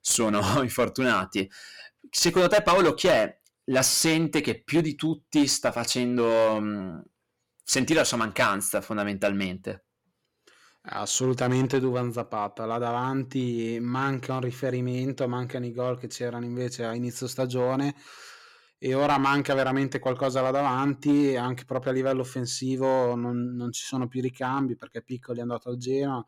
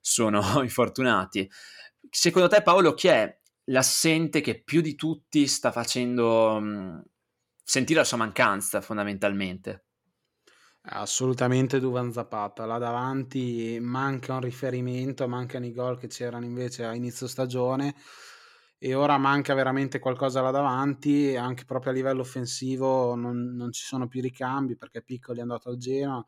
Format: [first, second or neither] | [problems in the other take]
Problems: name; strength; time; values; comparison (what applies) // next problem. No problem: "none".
second | distortion; slight; 3% of the sound clipped